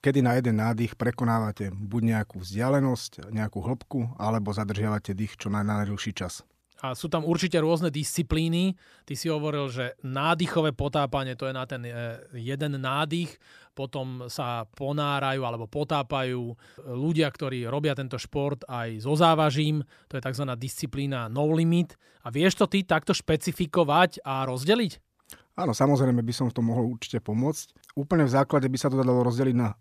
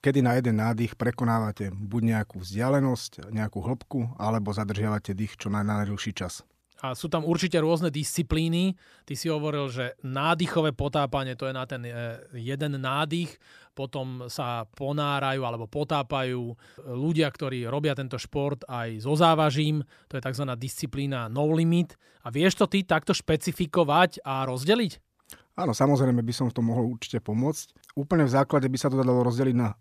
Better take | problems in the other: neither | none

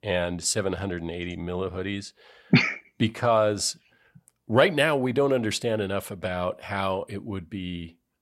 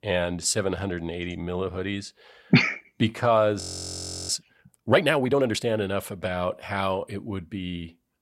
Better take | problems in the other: first | audio freezing; at 3.5 s for 0.5 s

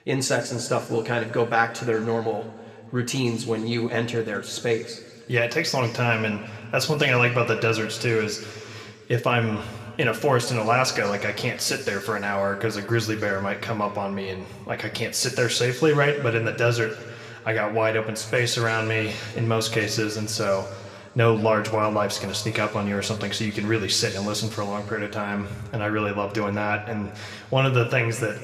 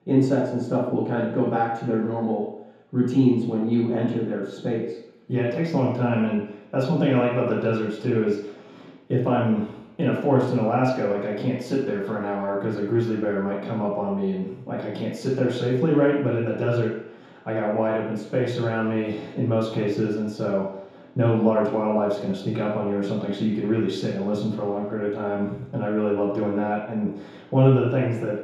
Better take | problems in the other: first | room echo; strong; dies away in 0.8 s; slight in the first // off-mic speech; far

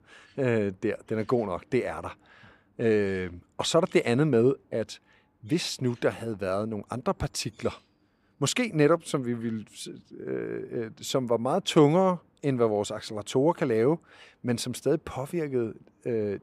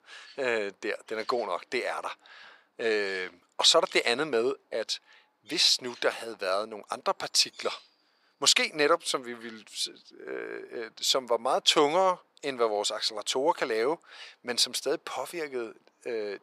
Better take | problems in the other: first | thin; very; fading below 650 Hz

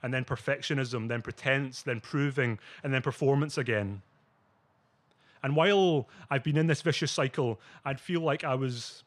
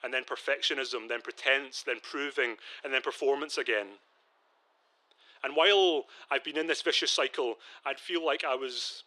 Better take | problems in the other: first | thin; very; fading below 350 Hz

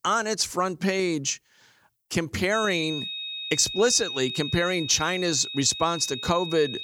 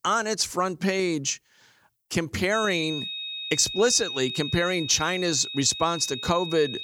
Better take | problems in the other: neither | high-pitched whine; loud; from 2.5 s on; 3.5 kHz, 7 dB below the speech; the same in both

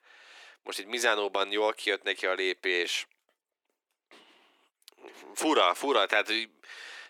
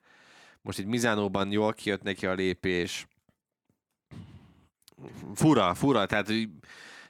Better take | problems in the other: second | thin; very; fading below 350 Hz

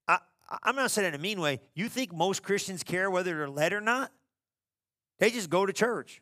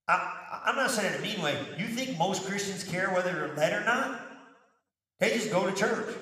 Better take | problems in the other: first | room echo; slight; dies away in 1.1 s

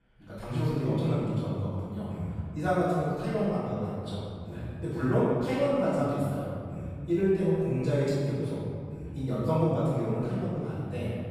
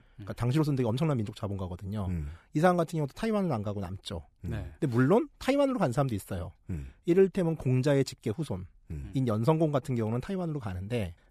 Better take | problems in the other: second | off-mic speech; far // room echo; strong; dies away in 2.1 s

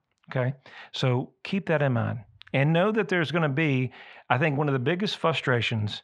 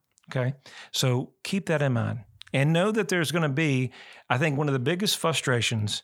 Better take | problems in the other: second | muffled; slightly; fading above 2.5 kHz

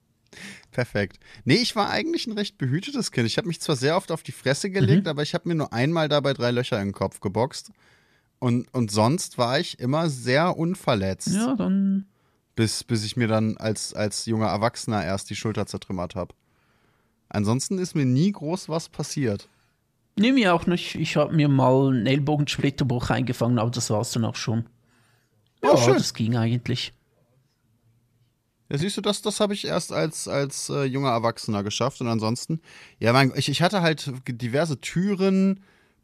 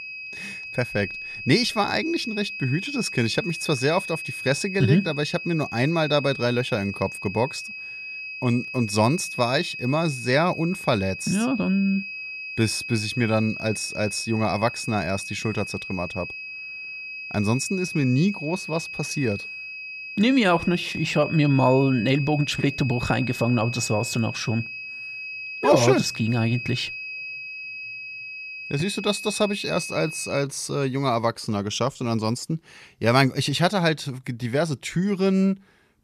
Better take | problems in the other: first | high-pitched whine; loud; until 30 s; 2.5 kHz, 8 dB below the speech

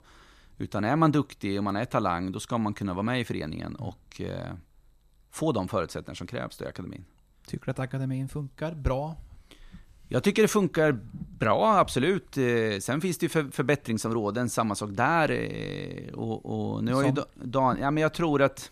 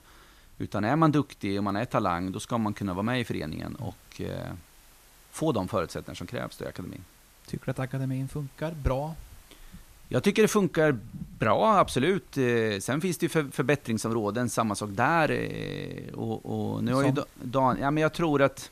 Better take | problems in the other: first | hiss; faint; throughout; 30 dB below the speech

